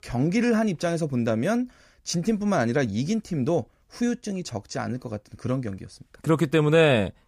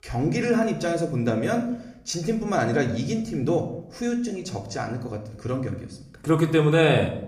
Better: first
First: none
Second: room echo; slight; dies away in 0.6 s // off-mic speech; somewhat distant

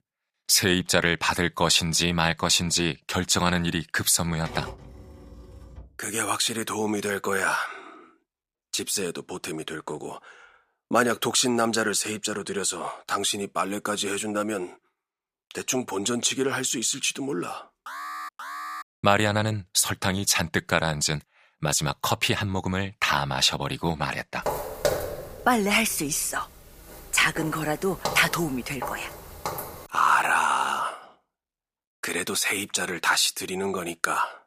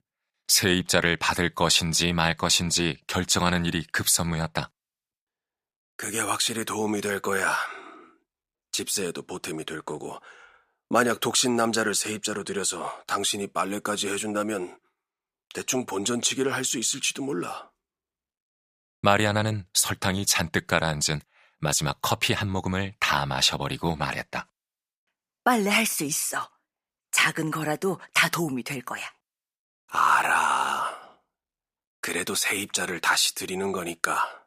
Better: second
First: keyboard typing; faint; from 4.5 to 6 s; peak 15 dB below the speech // alarm; noticeable; at 18 s; peak 10 dB below the speech // footsteps; noticeable; from 24 to 30 s; peak 2 dB below the speech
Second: none

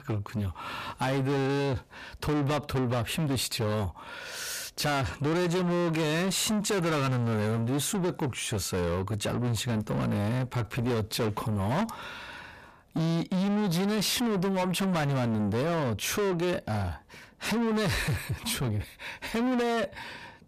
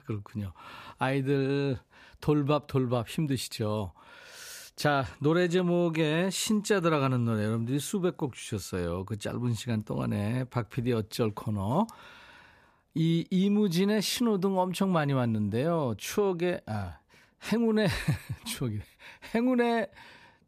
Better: second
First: distortion; heavy; 6 dB below the speech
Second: none

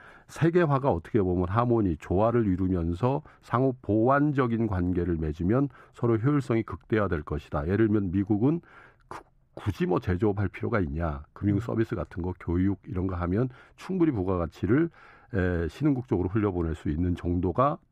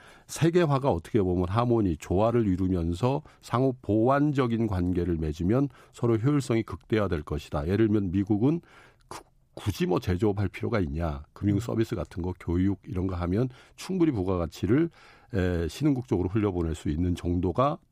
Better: second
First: muffled; slightly; fading above 3 kHz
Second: none

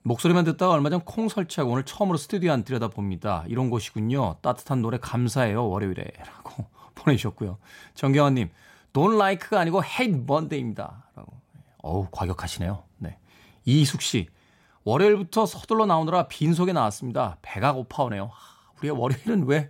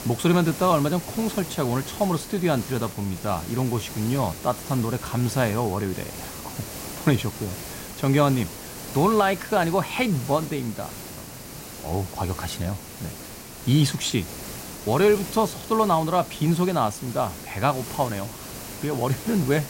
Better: first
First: none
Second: hiss; noticeable; throughout; 10 dB below the speech

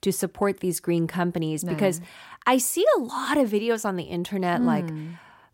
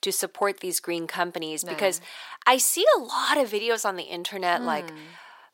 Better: first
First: none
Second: thin; somewhat; fading below 550 Hz

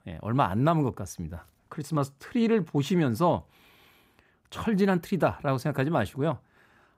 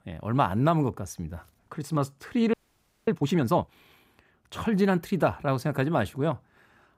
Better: first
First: none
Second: audio freezing; at 2.5 s for 0.5 s

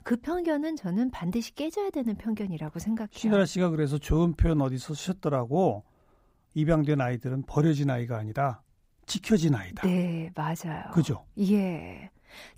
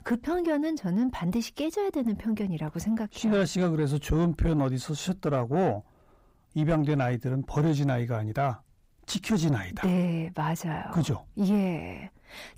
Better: first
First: none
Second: distortion; slight; 10 dB below the speech

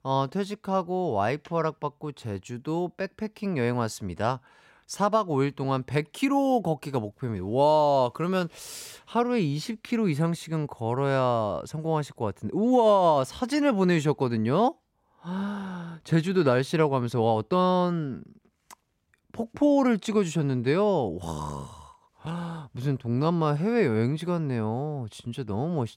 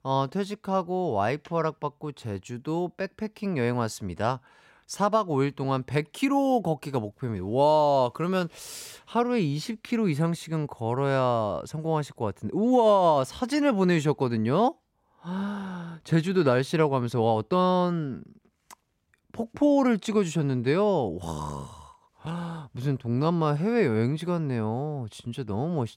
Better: neither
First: none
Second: none

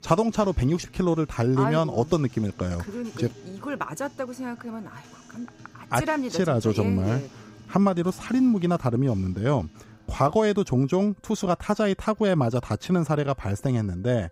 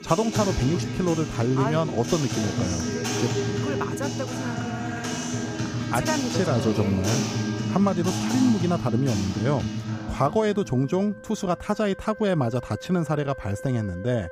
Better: first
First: background music; faint; throughout; 25 dB below the speech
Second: background music; loud; throughout; 3 dB below the speech

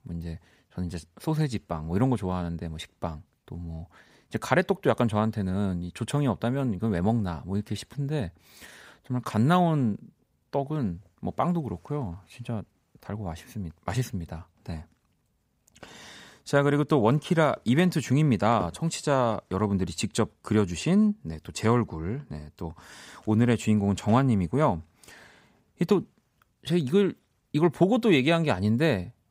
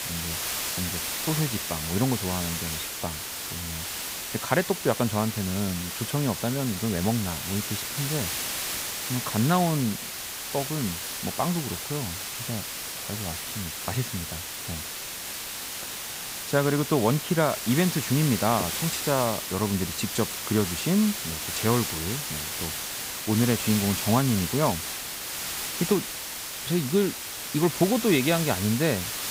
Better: first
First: none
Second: hiss; loud; throughout; 3 dB below the speech

